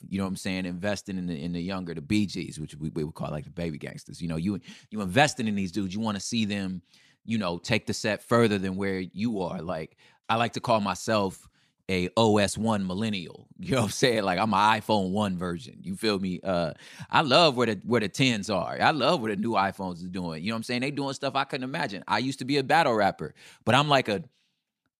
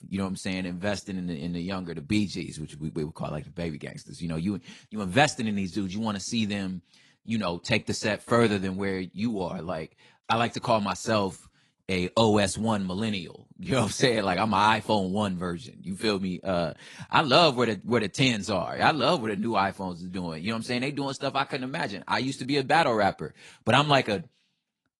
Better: first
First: none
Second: garbled, watery; slightly

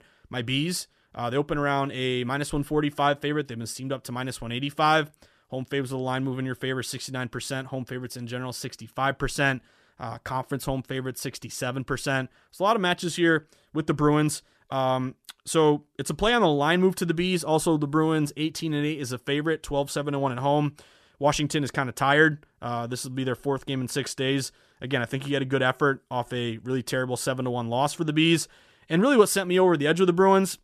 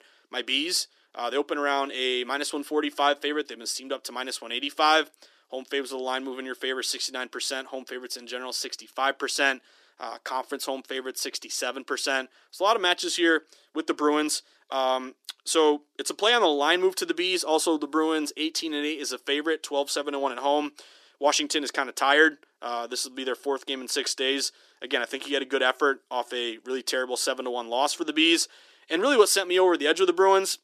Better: first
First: none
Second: thin; somewhat; fading below 300 Hz

